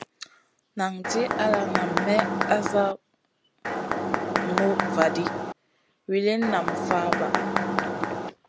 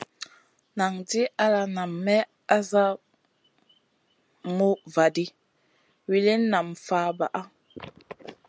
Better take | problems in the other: second | background sound (Mechanisms); 2 dB above the speech

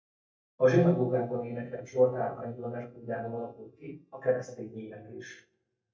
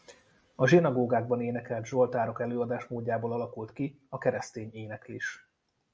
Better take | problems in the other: second | noise reduction (neural mask model DeepFilterNet 3)

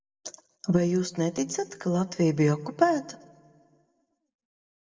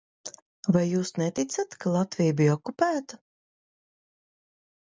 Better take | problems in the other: second | room echo; dies away in 0.7 s

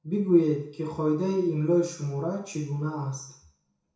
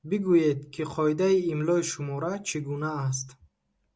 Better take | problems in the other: second | room echo; dies away in 0.6 s

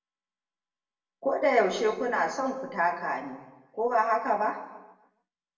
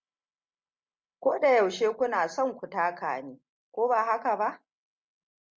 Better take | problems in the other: second | room echo; dies away in 0.9 s

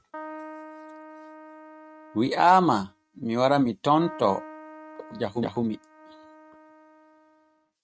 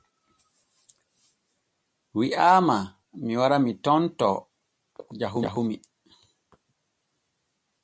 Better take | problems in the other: second | noise reduction (neural mask model RNNoise)

